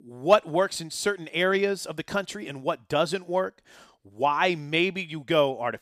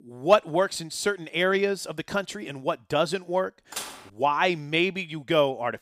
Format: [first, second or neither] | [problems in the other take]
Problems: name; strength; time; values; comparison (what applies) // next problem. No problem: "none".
first | clattering dishes; noticeable; at 3.5 s; peak 9 dB below the speech